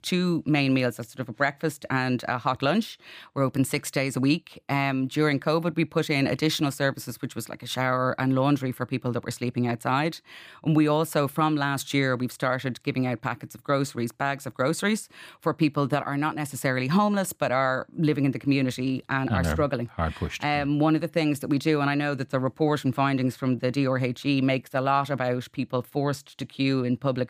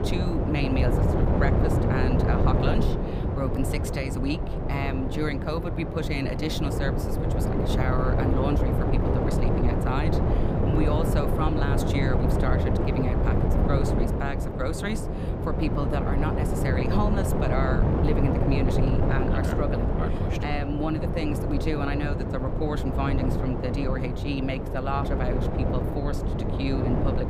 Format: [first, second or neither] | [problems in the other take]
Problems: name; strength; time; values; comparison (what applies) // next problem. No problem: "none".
first | wind noise on the microphone; heavy; 1 dB above the speech